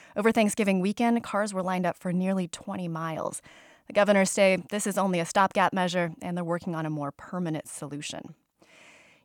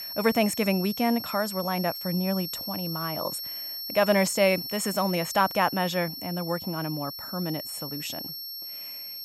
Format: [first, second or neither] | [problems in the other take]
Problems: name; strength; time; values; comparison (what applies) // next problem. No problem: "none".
first | high-pitched whine; loud; throughout; 5.5 kHz, 6 dB below the speech